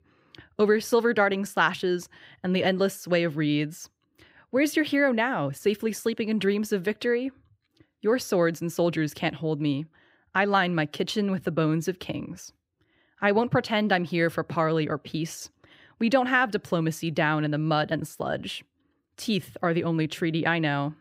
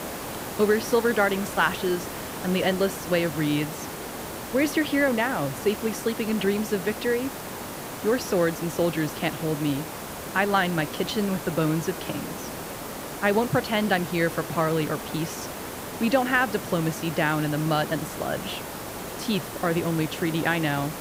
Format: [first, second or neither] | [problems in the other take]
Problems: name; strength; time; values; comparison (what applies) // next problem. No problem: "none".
first | hiss; loud; throughout; 8 dB below the speech